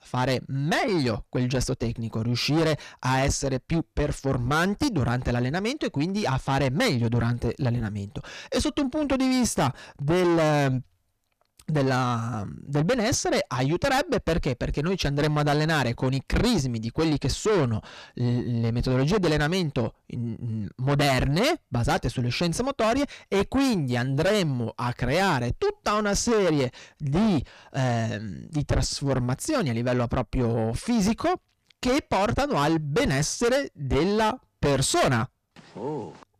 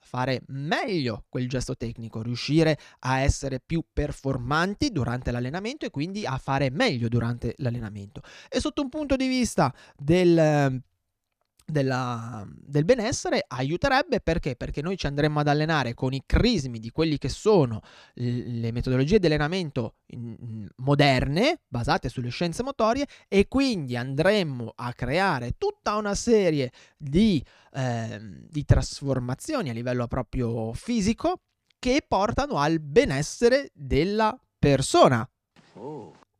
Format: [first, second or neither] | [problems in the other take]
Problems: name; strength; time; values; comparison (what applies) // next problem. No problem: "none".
second | distortion; heavy; 6 dB below the speech